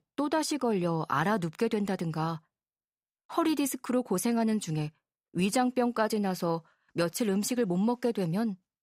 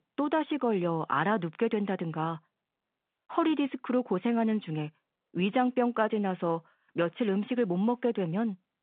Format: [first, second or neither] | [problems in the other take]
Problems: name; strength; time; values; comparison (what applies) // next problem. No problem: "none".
first | phone-call audio